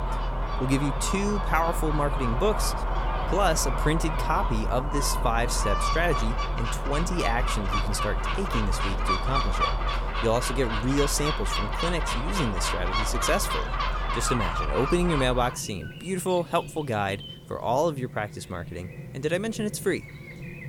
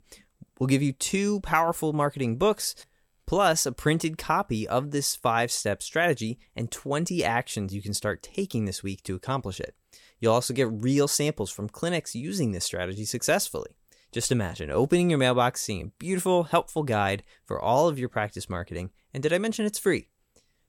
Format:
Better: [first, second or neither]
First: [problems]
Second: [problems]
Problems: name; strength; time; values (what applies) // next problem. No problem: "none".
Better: second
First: animal sounds; loud; throughout; 1 dB below the speech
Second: none